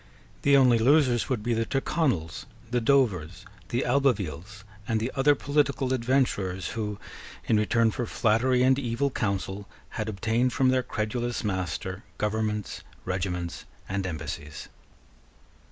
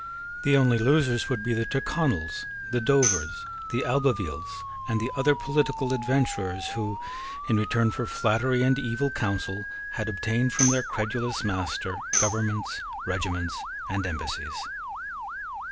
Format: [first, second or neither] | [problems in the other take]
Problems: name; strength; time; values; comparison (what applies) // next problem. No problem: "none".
first | background sound (Tambourine + Motor vehicle (road) / Siren); 6 dB below the speech